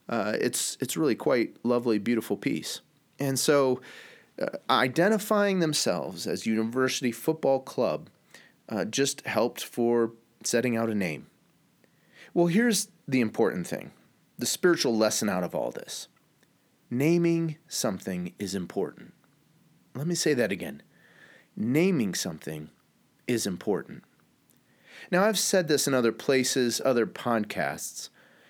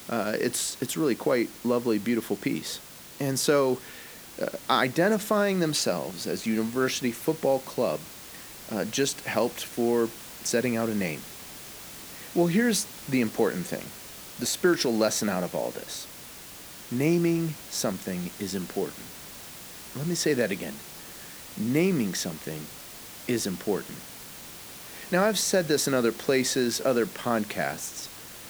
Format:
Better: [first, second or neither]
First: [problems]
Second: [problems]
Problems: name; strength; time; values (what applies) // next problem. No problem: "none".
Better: first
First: none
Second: hiss; noticeable; throughout; 15 dB below the speech